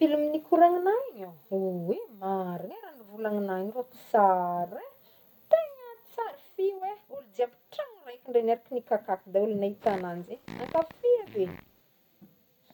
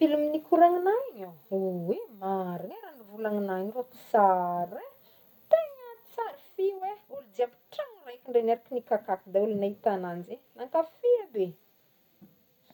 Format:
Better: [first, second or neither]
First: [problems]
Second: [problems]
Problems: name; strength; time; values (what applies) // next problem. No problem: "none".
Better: second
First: background sound (Fart); 17 dB below the speech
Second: none